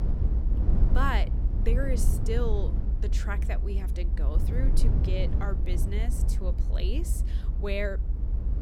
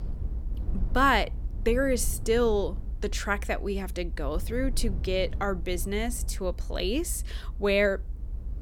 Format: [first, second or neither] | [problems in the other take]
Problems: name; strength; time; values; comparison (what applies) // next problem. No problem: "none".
second | low rumble; loud; throughout; 7 dB below the speech; faint in the second